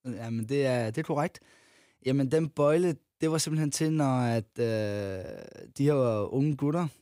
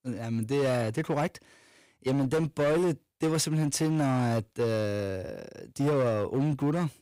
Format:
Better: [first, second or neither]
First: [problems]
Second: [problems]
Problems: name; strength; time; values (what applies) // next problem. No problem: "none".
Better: first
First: none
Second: distortion; slight; 13% of the sound clipped